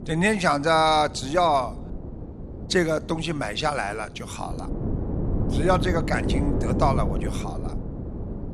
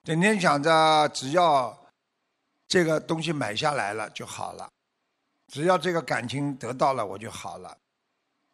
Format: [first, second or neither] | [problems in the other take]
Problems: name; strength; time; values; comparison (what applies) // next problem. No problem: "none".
second | wind noise on the microphone; occasional gusts; 15 dB below the speech